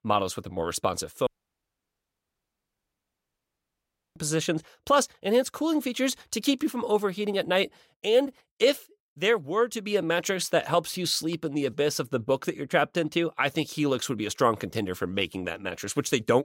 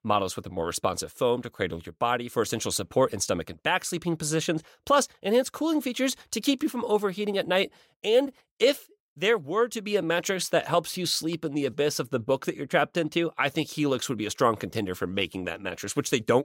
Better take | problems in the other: second | audio cutting out; at 1.5 s for 3 s

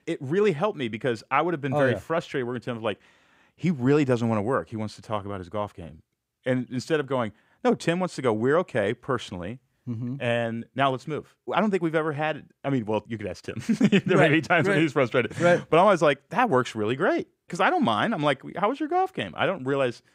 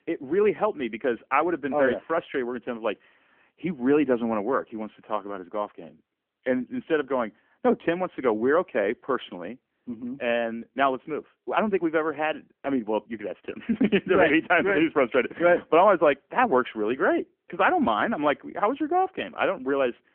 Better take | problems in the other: first | phone-call audio; nothing above 3 kHz

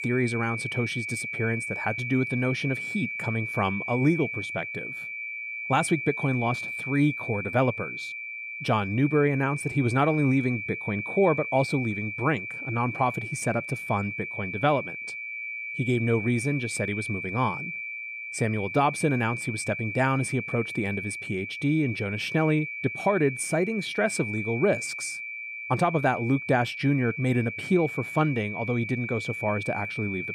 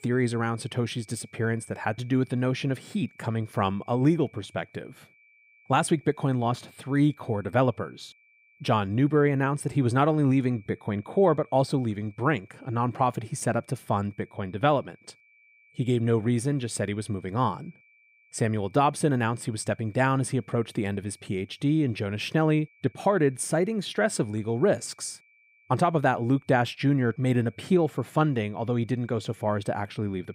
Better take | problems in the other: second | high-pitched whine; loud; throughout; 2.5 kHz, 5 dB below the speech; faint in the second

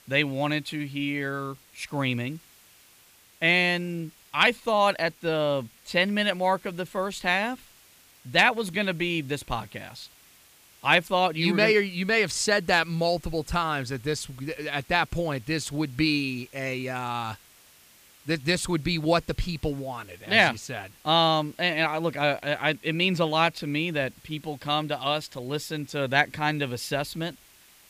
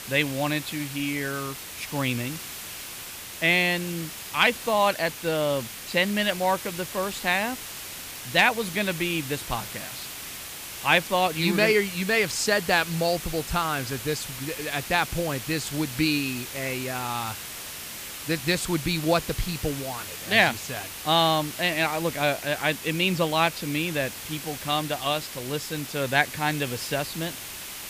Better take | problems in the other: first | hiss; loud; throughout; 9 dB below the speech; faint in the first

